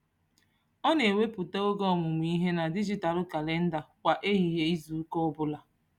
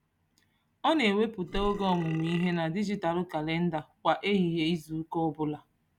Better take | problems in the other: first | background sound (Burping, eructation); 11 dB below the speech

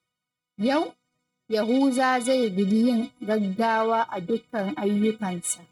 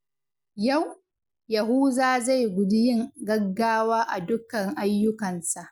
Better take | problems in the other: second | noise reduction (neural mask model RNNoise)

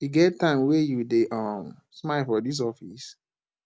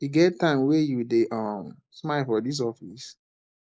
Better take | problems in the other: first | noise reduction (neural mask model Resemble Enhance denoiser)

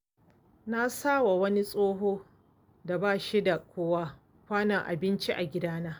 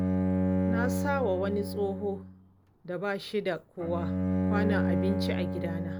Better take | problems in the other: first | background sound (Bowed string instrument); 4 dB above the speech

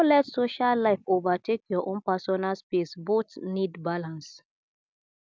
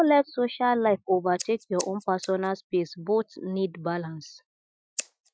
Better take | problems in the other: first | noise reduction (classical method Wiener filter)

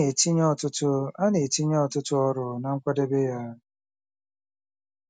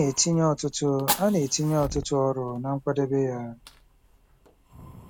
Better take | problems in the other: first | background sound (Fire); 12 dB below the speech

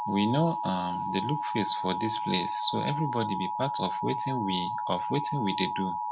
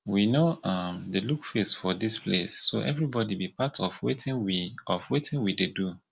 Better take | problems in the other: second | background sound (Alarm); 1 dB below the speech

